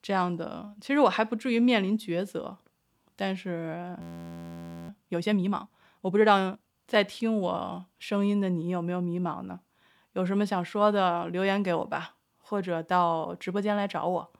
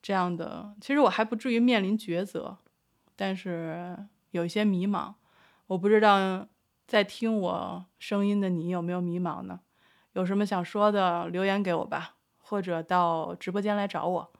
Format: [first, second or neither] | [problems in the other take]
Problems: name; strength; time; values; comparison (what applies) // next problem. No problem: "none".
second | audio freezing; at 4 s for 1 s